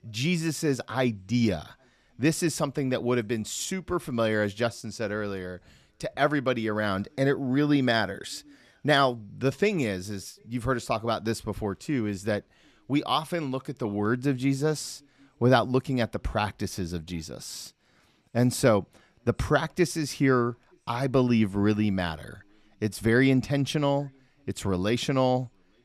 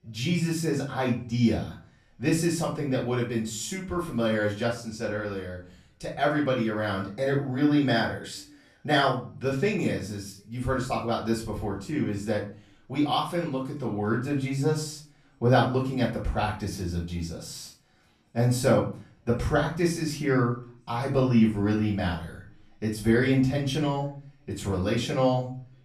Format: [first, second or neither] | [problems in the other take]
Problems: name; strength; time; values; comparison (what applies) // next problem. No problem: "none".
first | off-mic speech; far // room echo; slight; dies away in 0.4 s